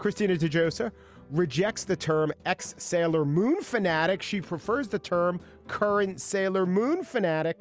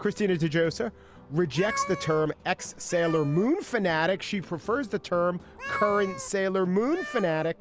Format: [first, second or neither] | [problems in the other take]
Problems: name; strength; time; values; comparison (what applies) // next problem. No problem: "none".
first | background sound (Meow); 12 dB below the speech